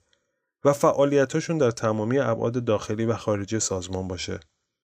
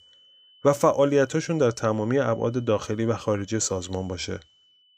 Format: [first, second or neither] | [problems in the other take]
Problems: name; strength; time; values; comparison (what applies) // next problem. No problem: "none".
first | high-pitched whine; faint; throughout; 3 kHz, 30 dB below the speech